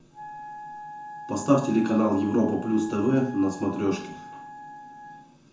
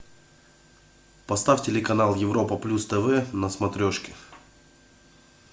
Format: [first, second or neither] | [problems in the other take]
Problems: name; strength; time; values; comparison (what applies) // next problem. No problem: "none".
second | background sound (Wind instrument, woodwind instrument); 15 dB below the speech // room echo; dies away in 0.6 s